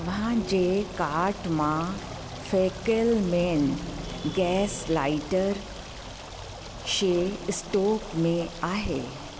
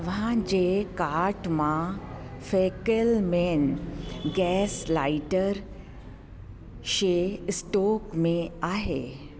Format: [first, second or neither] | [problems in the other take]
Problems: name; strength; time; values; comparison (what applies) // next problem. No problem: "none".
second | background sound (Stream); 15 dB below the speech